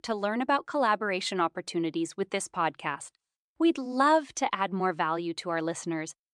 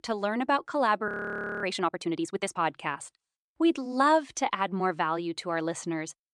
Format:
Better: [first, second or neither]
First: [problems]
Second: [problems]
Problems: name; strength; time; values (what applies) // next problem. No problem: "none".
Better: first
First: none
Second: audio freezing; at 1 s for 0.5 s